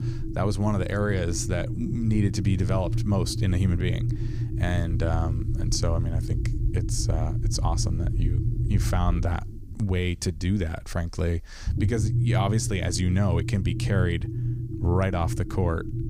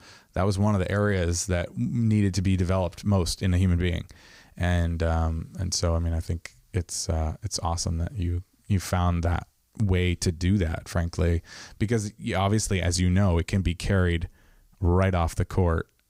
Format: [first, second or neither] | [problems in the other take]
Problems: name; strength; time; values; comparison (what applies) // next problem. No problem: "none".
second | low rumble; loud; throughout; 8 dB below the speech